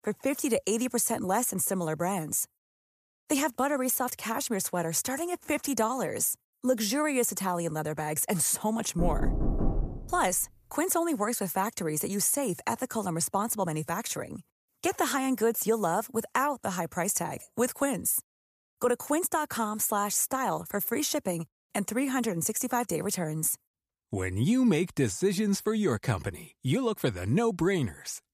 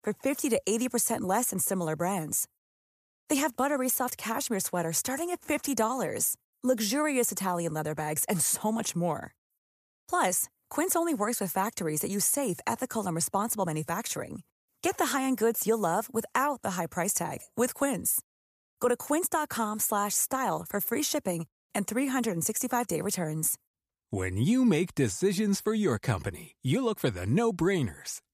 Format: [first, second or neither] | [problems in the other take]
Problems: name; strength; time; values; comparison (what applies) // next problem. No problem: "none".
second | door banging; noticeable; at 9 s; peak 2 dB below the speech